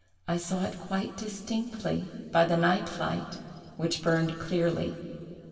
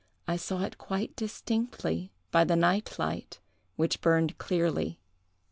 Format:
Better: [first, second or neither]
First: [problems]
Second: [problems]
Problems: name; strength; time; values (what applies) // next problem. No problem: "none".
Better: second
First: room echo; dies away in 2.4 s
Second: none